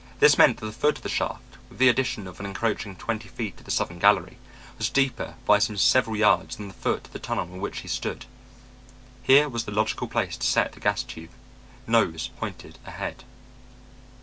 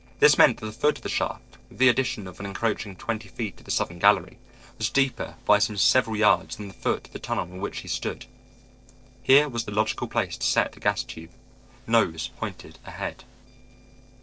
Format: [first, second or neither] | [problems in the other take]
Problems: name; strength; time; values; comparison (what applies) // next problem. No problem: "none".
first | noise reduction (neural separator model SepFormer DNS4)